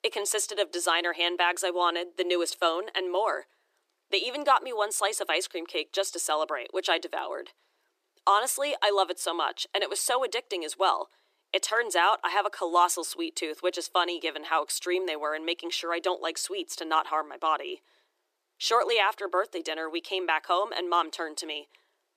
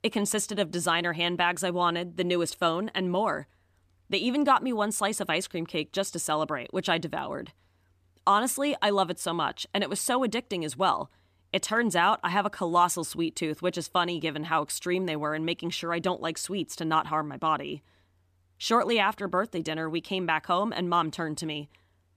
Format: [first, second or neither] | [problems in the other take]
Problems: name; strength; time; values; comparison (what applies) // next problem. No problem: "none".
second | thin; very; fading below 350 Hz